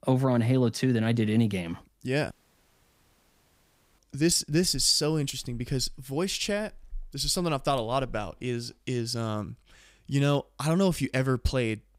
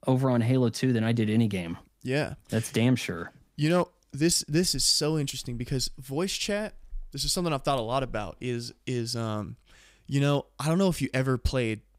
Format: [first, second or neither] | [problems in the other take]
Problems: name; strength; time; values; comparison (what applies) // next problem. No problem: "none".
second | audio cutting out; at 2.5 s for 1.5 s